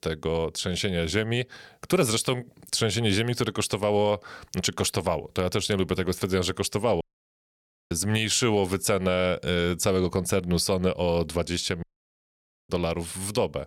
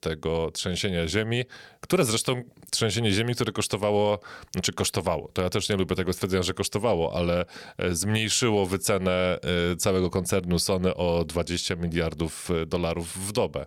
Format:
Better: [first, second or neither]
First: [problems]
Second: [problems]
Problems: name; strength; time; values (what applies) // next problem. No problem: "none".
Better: second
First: audio cutting out; at 7 s for 1 s and at 12 s for 1 s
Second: none